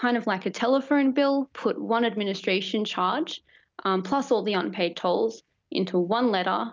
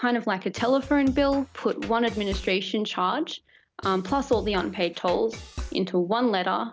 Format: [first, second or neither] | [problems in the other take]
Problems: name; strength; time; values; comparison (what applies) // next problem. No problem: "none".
first | background sound (Drum kit); 13 dB below the speech